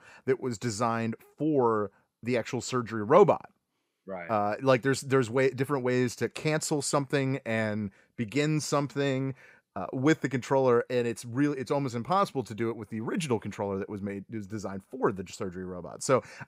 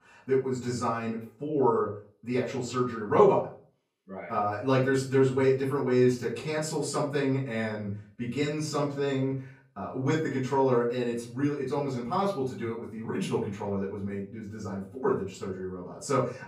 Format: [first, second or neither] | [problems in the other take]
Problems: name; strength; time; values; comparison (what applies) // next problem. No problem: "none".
first | off-mic speech; far // room echo; slight; dies away in 0.4 s